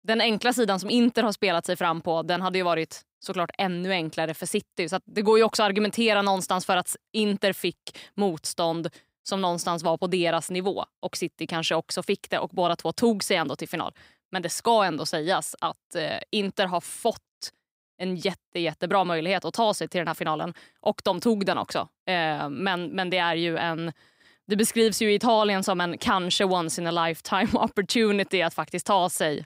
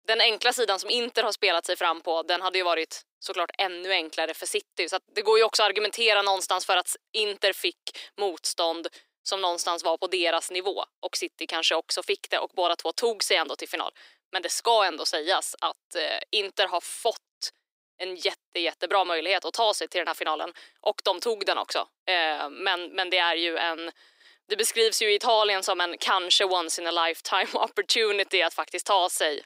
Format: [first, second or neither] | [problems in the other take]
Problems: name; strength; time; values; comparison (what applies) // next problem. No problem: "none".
first | thin; very; fading below 350 Hz